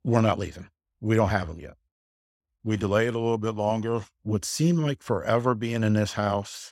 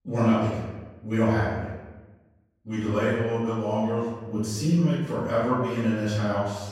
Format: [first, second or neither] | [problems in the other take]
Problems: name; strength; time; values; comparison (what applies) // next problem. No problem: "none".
first | off-mic speech; far // room echo; strong; dies away in 1 s